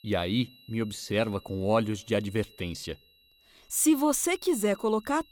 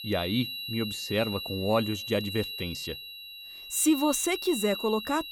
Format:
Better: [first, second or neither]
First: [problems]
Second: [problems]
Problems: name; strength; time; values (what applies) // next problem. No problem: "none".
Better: first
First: high-pitched whine; faint; throughout; 4 kHz, 25 dB below the speech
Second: high-pitched whine; loud; throughout; 4 kHz, 7 dB below the speech